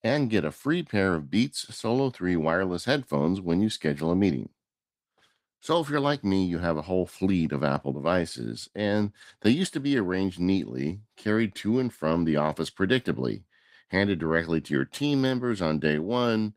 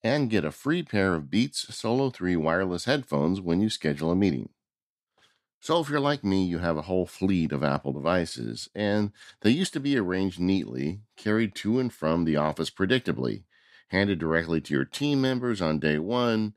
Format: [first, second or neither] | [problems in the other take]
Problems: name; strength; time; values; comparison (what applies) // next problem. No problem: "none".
second | garbled, watery; slightly; nothing above 15.5 kHz